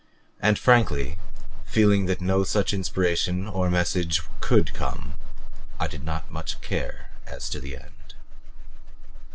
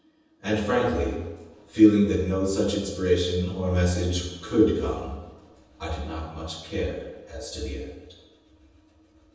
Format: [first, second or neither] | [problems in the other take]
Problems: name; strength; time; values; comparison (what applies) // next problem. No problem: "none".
first | room echo; dies away in 1.1 s